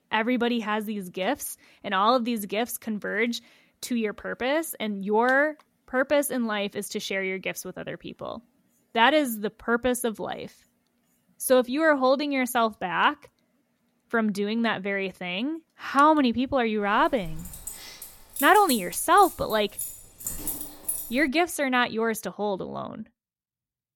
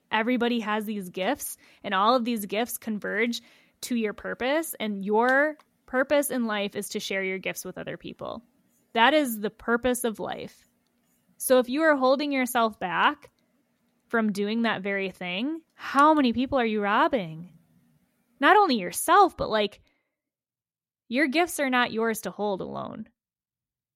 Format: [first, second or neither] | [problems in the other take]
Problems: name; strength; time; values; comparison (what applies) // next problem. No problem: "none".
second | jangling keys; noticeable; from 17 to 21 s; peak 5 dB below the speech